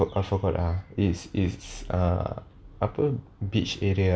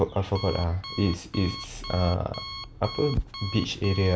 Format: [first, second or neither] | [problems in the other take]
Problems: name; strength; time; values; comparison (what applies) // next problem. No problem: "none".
first | background sound (Alarm + Purr); 10 dB below the speech